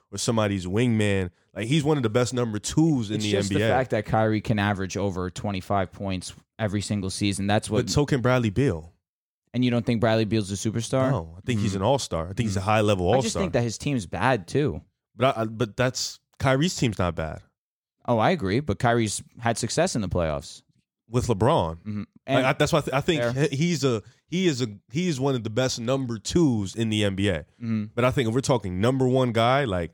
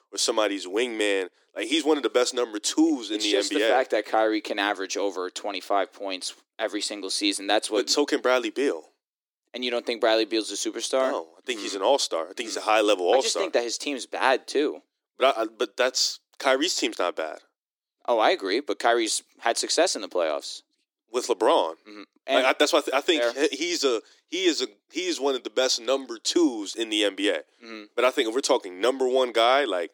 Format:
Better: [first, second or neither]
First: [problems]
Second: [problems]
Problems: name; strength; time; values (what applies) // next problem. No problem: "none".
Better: first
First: none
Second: thin; somewhat; fading below 300 Hz